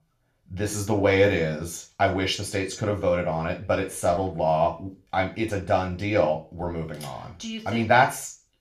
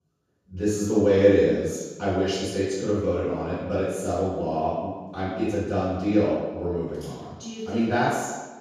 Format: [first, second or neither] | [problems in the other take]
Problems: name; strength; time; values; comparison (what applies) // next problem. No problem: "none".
first | room echo; strong; dies away in 1.2 s; slight in the first // off-mic speech; far; far in the first